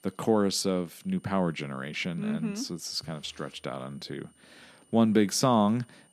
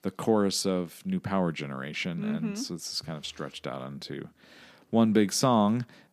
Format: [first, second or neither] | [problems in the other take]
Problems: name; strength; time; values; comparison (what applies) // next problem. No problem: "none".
second | high-pitched whine; faint; throughout; 9 kHz, 35 dB below the speech